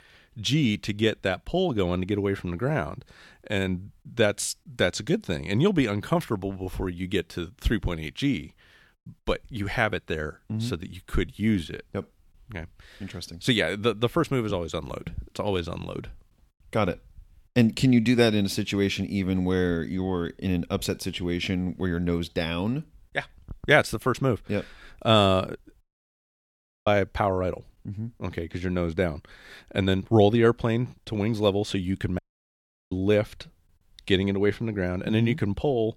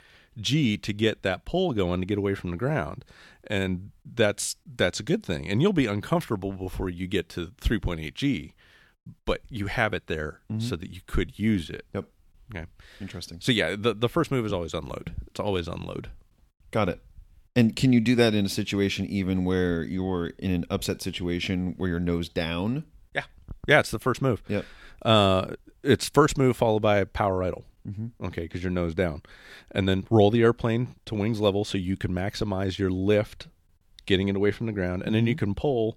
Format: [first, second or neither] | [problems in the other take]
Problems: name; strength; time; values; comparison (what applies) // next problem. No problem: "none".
second | audio cutting out; at 26 s for 1 s and at 32 s for 0.5 s